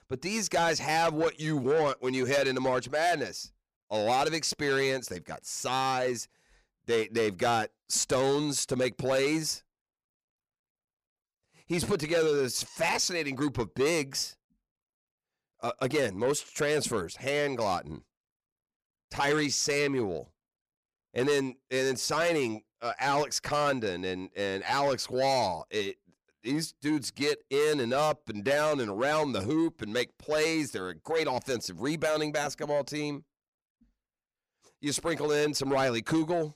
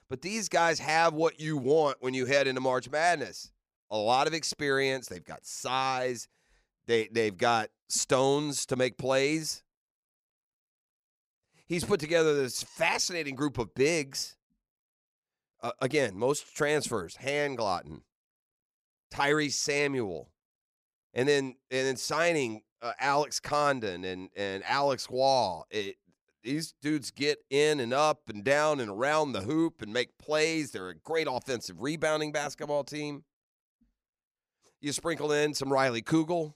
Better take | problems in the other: second | distortion; slight; 10 dB below the speech

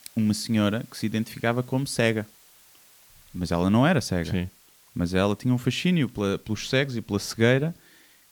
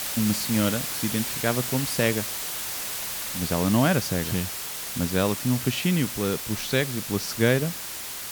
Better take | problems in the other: first | hiss; loud; throughout; 4 dB below the speech; faint in the first

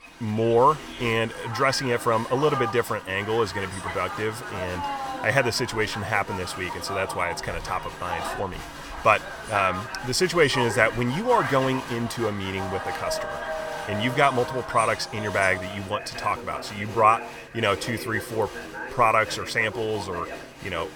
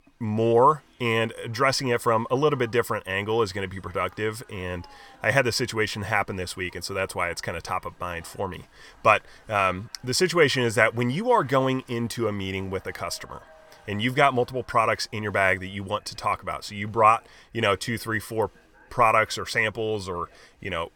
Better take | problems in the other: second | crowd noise; loud; throughout; 9 dB below the speech; faint in the second

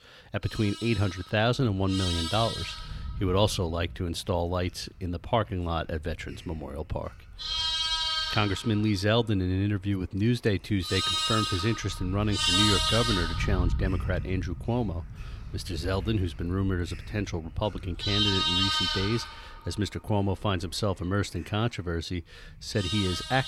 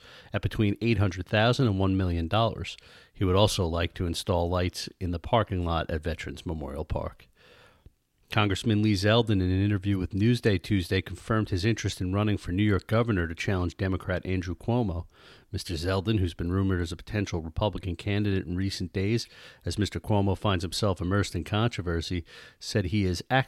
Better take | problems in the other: second | animal sounds; very loud; throughout; as loud as the speech

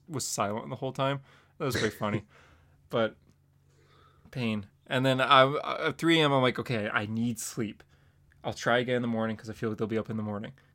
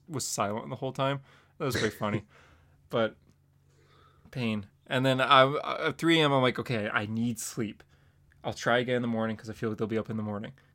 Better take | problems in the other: neither | none

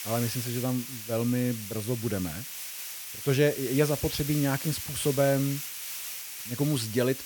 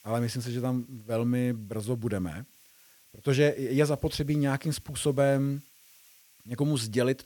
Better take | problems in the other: second | hiss; loud; throughout; 6 dB below the speech; faint in the second

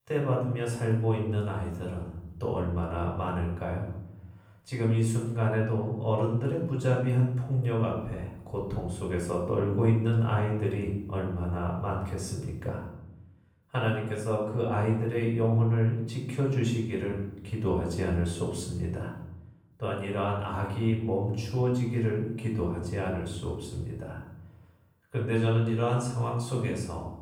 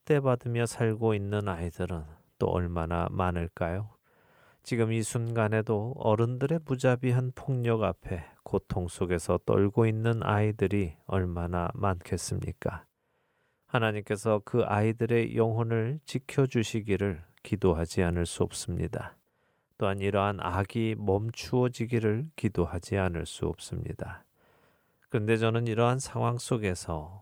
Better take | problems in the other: second | off-mic speech; far // room echo; noticeable; dies away in 0.8 s

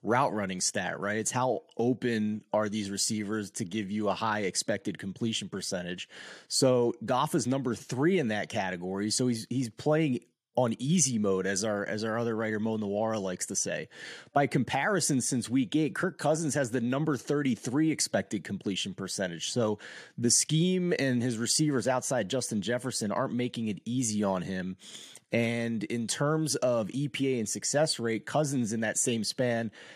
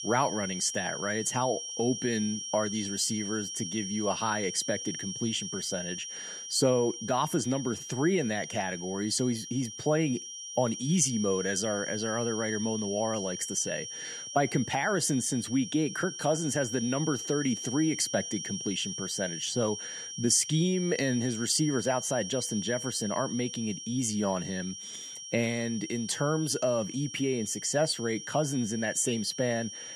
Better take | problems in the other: first | high-pitched whine; loud; throughout; 5.5 kHz, 7 dB below the speech

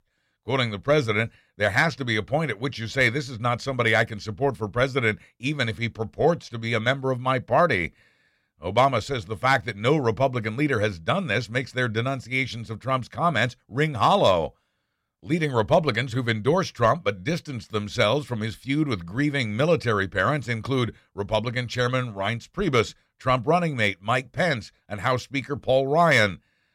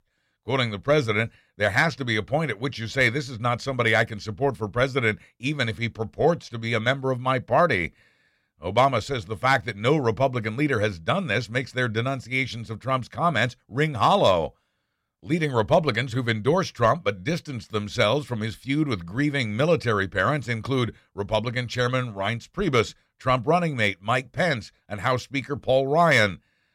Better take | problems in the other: neither | none

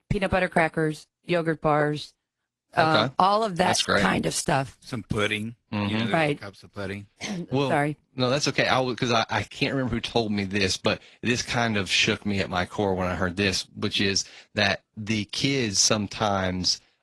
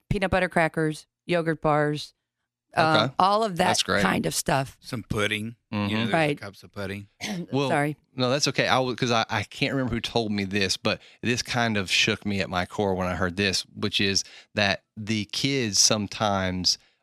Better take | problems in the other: second | garbled, watery; slightly; nothing above 11.5 kHz

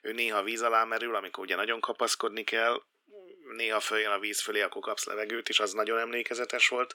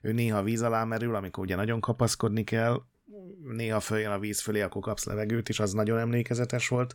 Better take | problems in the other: second | thin; very; fading below 350 Hz

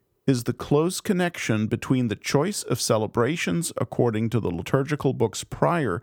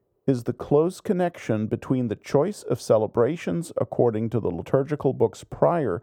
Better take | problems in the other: first | muffled; slightly; fading above 1.5 kHz

